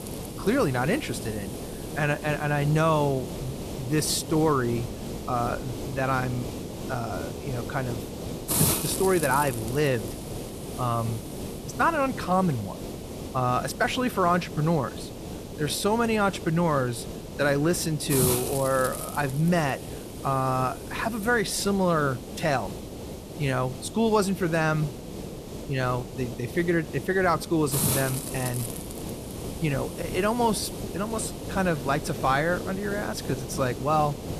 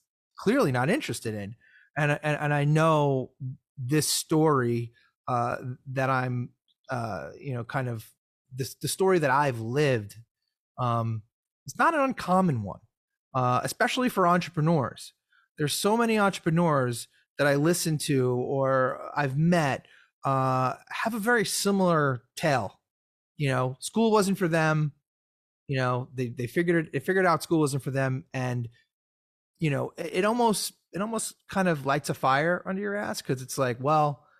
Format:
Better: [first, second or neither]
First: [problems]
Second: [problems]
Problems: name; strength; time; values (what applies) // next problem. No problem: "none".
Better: second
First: hiss; loud; throughout; 7 dB below the speech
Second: none